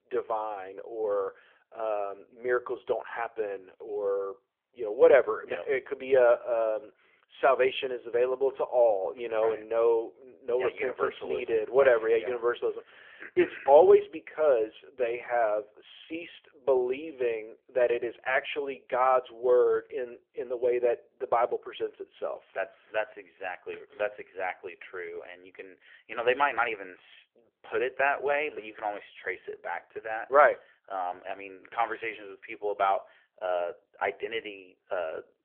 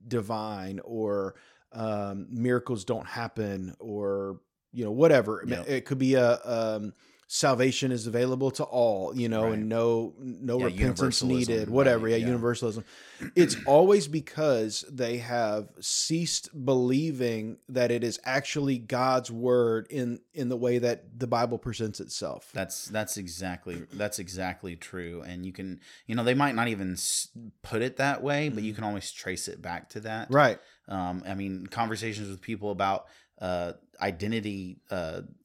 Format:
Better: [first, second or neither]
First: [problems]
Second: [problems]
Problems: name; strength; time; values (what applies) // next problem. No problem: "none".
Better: second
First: phone-call audio; nothing above 3.5 kHz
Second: none